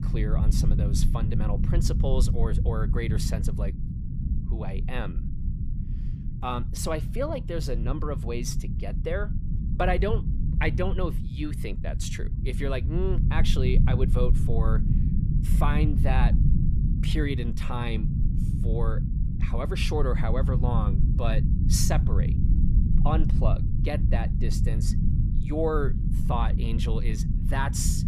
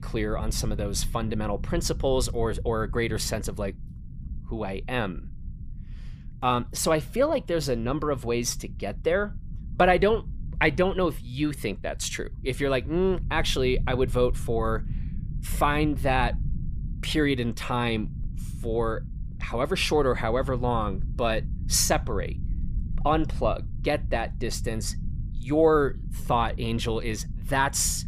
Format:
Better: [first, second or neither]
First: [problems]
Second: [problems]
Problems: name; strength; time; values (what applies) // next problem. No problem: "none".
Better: second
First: low rumble; loud; throughout; 7 dB below the speech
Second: low rumble; faint; throughout; 25 dB below the speech